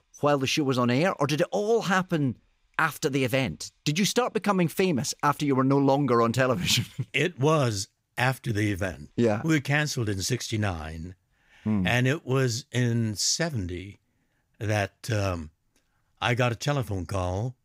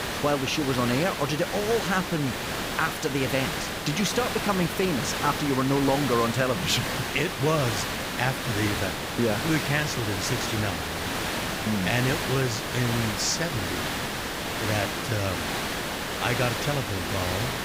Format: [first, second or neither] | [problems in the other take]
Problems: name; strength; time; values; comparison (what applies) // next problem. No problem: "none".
first | hiss; loud; throughout; 2 dB below the speech